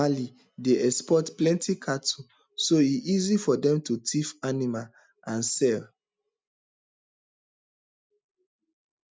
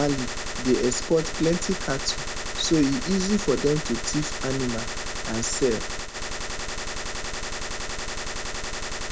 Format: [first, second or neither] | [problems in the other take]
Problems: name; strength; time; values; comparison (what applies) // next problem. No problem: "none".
first | background sound (Gunshot, gunfire); 2 dB below the speech